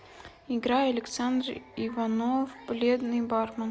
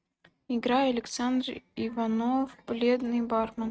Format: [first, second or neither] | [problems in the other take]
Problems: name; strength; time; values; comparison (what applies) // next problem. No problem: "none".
first | noise reduction (neural mask model RNNoise)